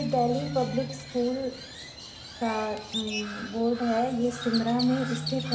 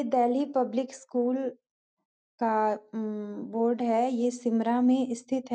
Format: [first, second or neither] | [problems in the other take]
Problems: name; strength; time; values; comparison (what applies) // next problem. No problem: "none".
second | background sound (Crow); 8 dB below the speech // room echo; dies away in 0.7 s